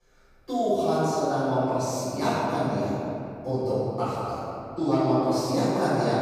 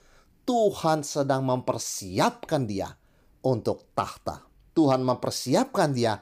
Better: second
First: off-mic speech; far // room echo; strong; dies away in 2.4 s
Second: none

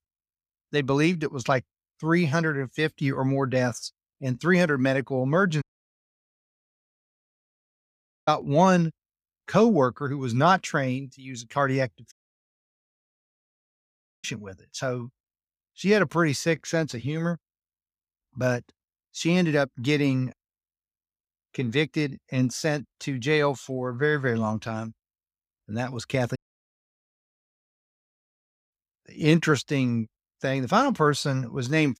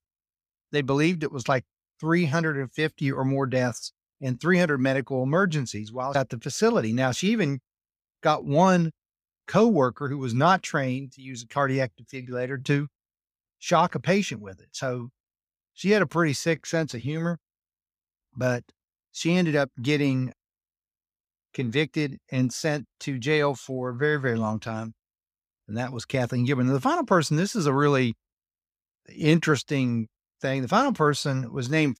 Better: second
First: audio cutting out; at 5.5 s for 2.5 s, at 12 s for 2 s and at 26 s for 2.5 s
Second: none

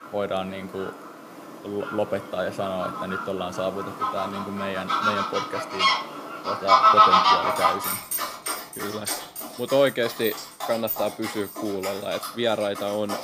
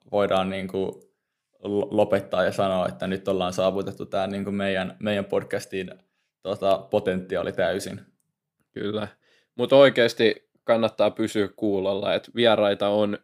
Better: second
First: animal sounds; very loud; throughout; 5 dB above the speech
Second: none

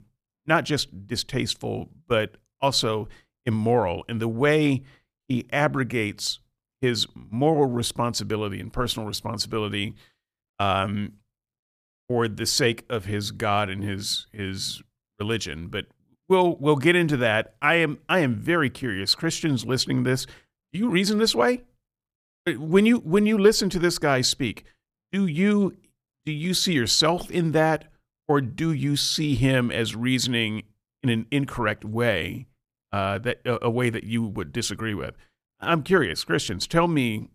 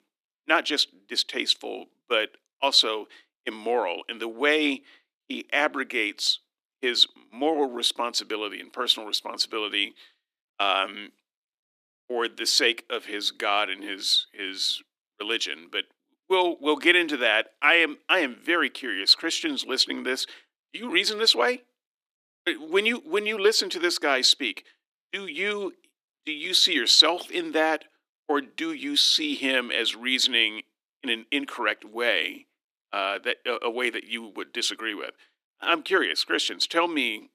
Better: first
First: none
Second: thin; somewhat; fading below 300 Hz

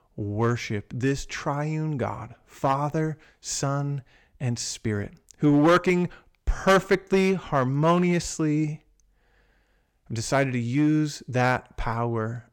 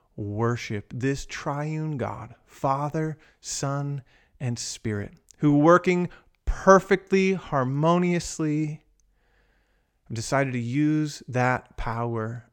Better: second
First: distortion; slight; 2% of the sound clipped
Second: none

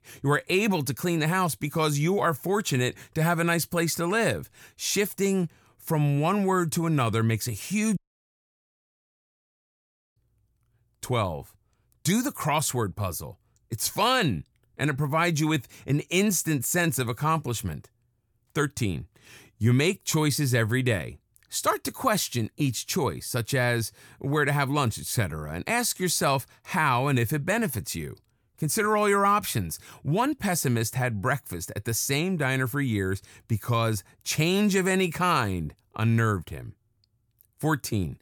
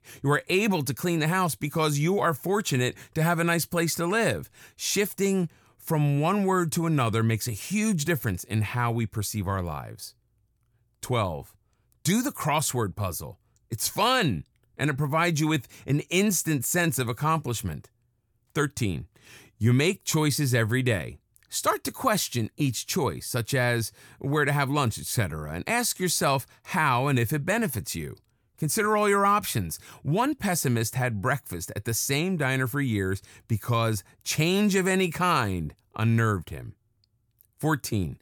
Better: second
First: audio cutting out; at 8 s for 2 s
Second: none

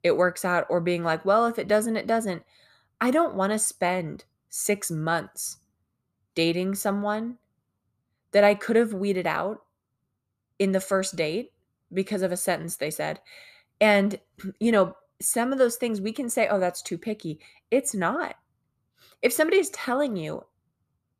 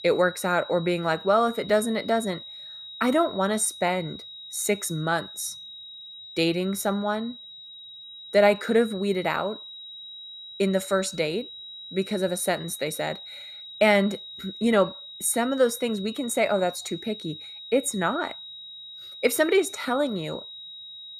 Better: first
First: none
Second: high-pitched whine; noticeable; throughout; 4 kHz, 15 dB below the speech

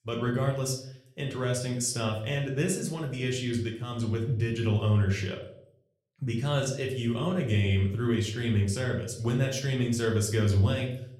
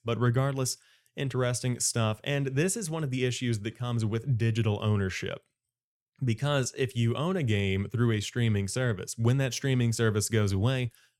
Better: second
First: room echo; slight; dies away in 0.5 s // off-mic speech; somewhat distant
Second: none

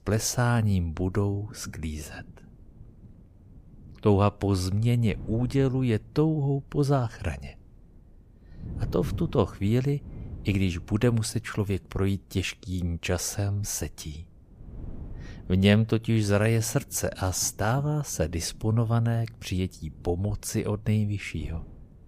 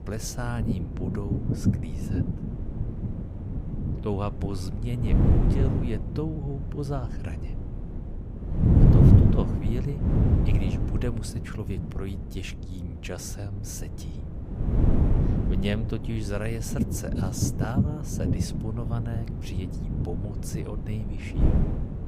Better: first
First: wind noise on the microphone; occasional gusts; 25 dB below the speech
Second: wind noise on the microphone; heavy; 2 dB above the speech

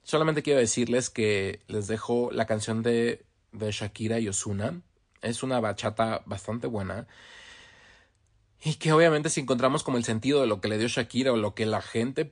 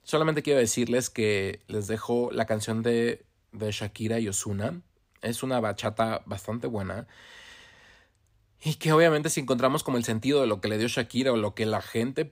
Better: second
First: garbled, watery; slightly; nothing above 9 kHz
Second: none

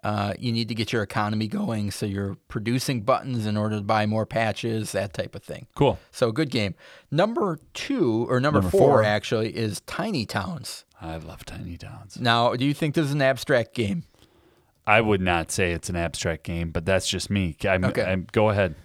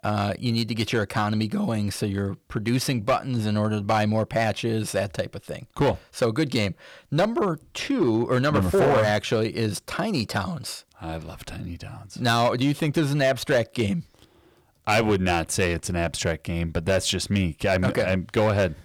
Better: first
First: none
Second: distortion; slight; 4% of the sound clipped

